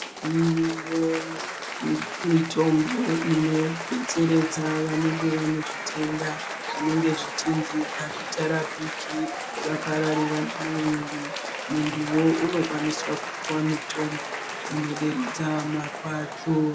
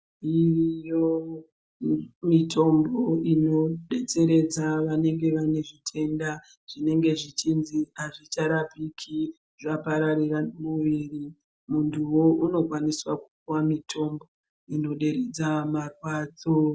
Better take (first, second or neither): second